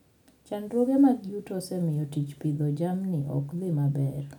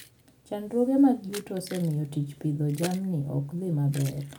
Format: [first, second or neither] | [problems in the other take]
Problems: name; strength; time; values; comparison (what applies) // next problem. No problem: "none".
first | background sound (Keys jangling); 20 dB below the speech